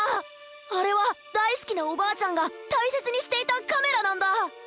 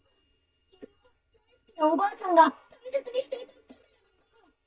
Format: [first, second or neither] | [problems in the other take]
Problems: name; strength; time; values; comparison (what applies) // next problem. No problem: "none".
first | noise reduction (neural mask model DeepFilterNet 3)